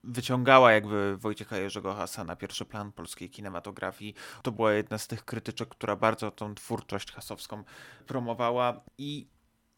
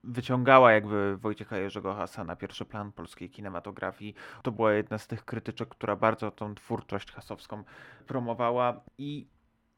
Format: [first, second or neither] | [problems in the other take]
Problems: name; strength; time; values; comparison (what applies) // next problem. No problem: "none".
first | muffled; slightly; fading above 3.5 kHz